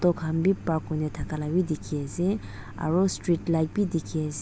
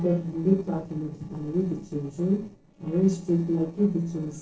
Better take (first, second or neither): first